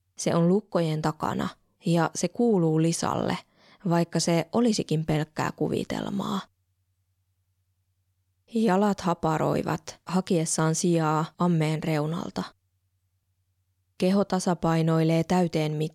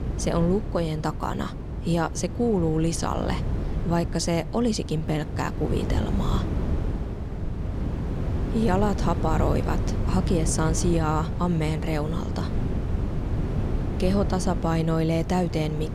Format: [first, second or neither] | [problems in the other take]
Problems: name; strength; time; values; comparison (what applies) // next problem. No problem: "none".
first | wind noise on the microphone; heavy; 9 dB below the speech